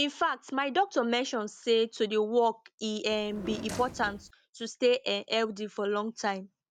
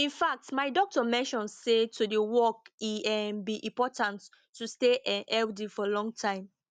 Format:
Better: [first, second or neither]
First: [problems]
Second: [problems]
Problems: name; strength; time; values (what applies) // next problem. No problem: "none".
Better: second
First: background sound (Drawer open or close); 11 dB below the speech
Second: none